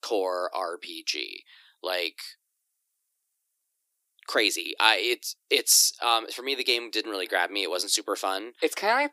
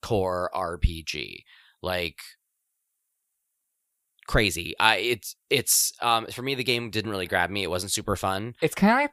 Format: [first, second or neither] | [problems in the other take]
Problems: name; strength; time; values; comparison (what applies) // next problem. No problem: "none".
second | thin; somewhat; fading below 300 Hz